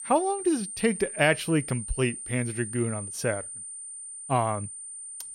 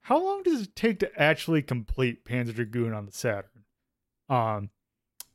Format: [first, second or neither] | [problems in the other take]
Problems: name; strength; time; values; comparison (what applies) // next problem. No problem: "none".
second | high-pitched whine; loud; throughout; 9 kHz, 8 dB below the speech